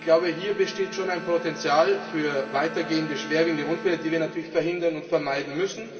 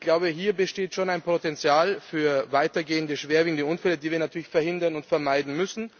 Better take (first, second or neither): second